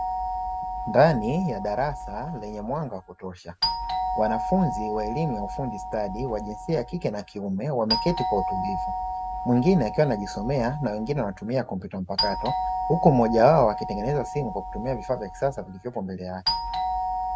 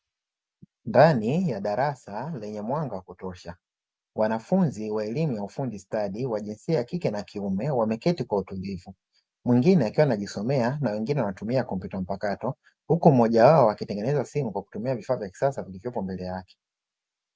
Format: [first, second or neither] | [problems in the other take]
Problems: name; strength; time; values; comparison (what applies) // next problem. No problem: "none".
second | background sound (Doorbell); 5 dB below the speech